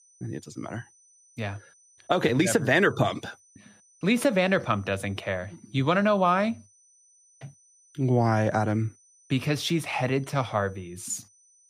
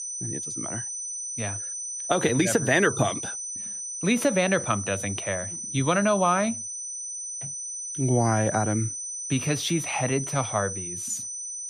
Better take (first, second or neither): first